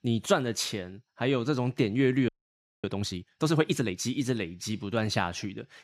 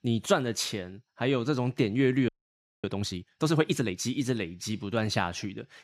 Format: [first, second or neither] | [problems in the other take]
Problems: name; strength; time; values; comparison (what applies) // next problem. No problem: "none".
neither | audio freezing; at 2.5 s for 0.5 s; the same in both